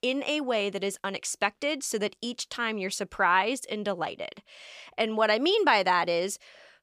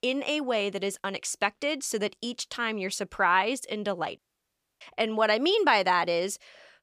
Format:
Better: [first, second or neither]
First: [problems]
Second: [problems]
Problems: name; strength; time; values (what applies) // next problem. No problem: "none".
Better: first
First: none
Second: audio cutting out; at 4 s for 0.5 s